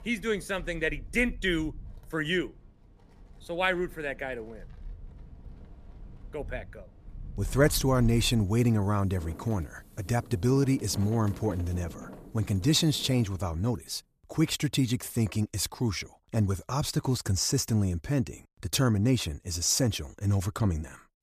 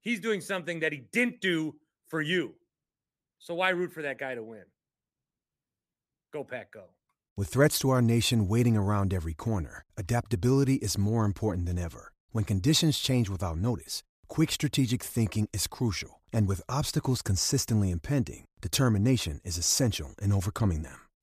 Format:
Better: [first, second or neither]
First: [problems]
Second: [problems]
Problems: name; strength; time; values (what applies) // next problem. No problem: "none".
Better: second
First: wind in the background; noticeable; until 14 s; 15 dB below the speech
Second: none